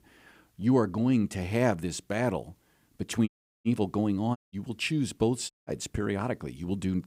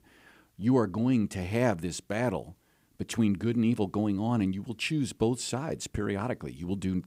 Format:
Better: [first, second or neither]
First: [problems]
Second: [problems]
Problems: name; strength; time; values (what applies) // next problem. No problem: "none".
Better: second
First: audio cutting out; at 3.5 s, at 4.5 s and at 5.5 s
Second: none